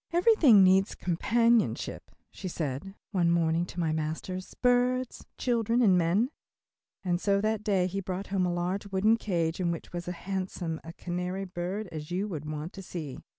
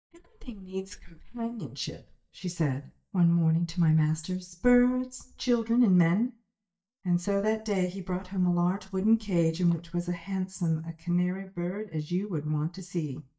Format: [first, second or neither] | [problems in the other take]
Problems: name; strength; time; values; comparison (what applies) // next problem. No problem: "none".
first | noise reduction (neural mask model DeepFilterNet 3)